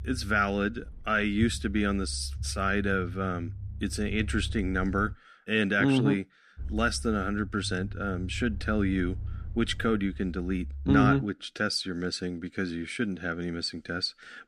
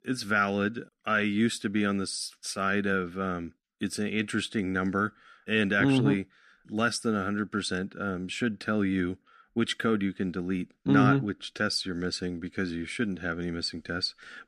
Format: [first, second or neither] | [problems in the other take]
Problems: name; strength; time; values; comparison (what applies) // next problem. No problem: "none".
second | low rumble; faint; until 5 s and from 6.5 to 11 s; 25 dB below the speech